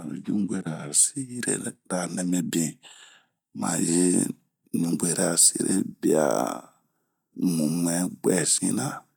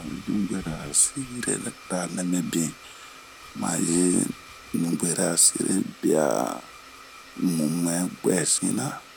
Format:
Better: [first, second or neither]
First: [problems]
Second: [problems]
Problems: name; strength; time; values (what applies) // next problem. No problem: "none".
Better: first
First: none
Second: background sound (Domestic sounds, home sounds); 19 dB below the speech